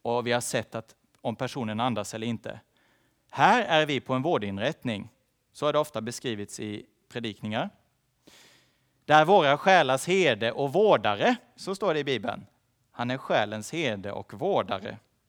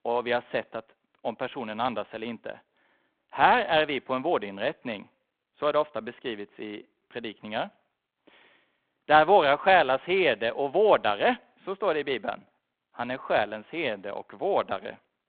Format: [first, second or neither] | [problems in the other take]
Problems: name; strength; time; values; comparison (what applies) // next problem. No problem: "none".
first | phone-call audio; nothing above 3.5 kHz